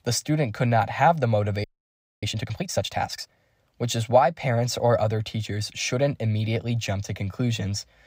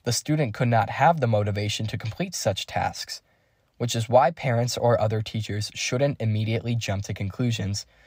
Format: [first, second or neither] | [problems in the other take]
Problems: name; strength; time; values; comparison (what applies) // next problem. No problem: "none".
second | audio freezing; at 1.5 s for 0.5 s